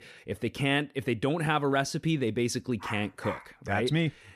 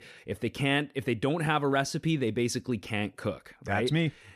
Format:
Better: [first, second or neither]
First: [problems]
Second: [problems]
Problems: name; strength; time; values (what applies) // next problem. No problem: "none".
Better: second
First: dog barking; faint; at 3 s; peak 10 dB below the speech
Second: none